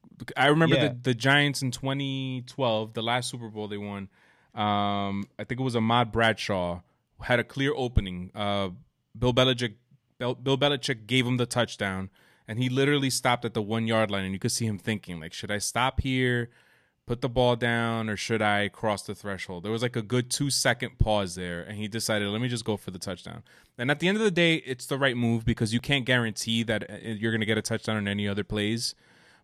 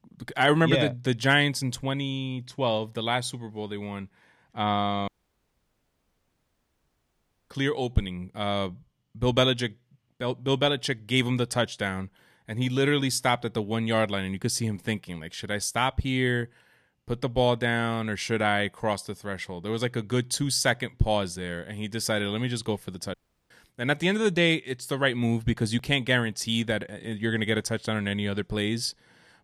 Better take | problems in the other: first | audio cutting out; at 5 s for 2.5 s and at 23 s

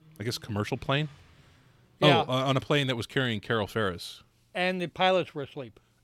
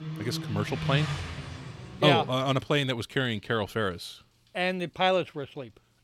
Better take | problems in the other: first | traffic noise; loud; throughout; 7 dB below the speech; faint in the first

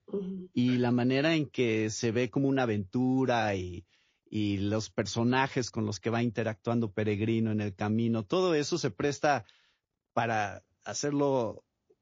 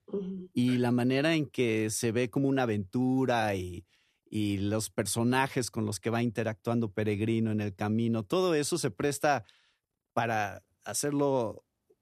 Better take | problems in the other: second | garbled, watery; slightly; nothing above 6 kHz

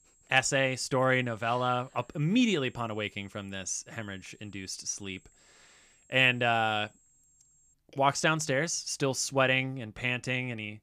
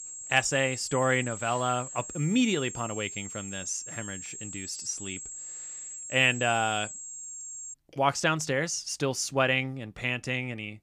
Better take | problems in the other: first | high-pitched whine; loud; until 7.5 s; 7.5 kHz, 10 dB below the speech; faint in the first

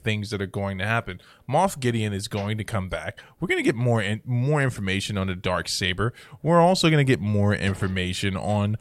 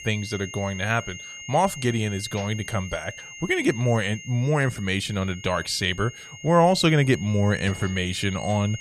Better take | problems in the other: first | high-pitched whine; noticeable; throughout; 2 kHz, 15 dB below the speech

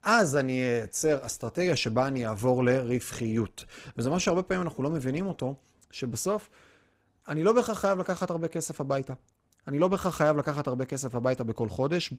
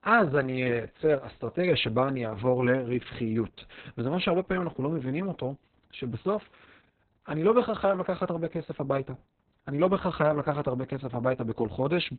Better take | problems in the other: first | garbled, watery; badly; nothing above 4 kHz; slightly in the first

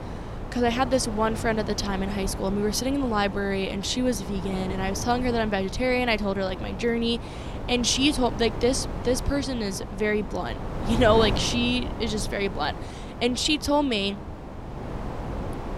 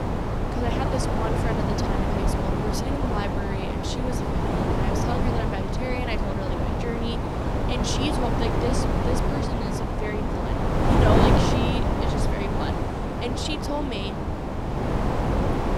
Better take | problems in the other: first | wind noise on the microphone; heavy; 5 dB above the speech; occasional gusts in the first

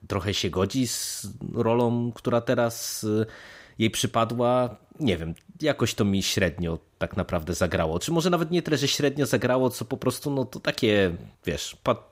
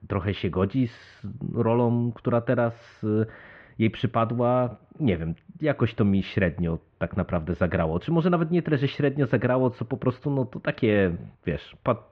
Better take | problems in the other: first | muffled; very; fading above 2.5 kHz

